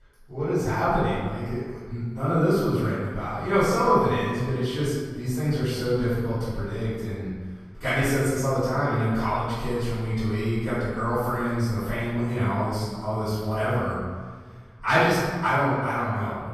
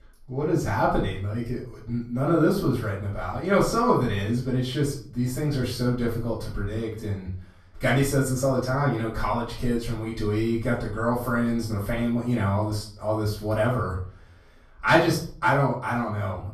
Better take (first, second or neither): second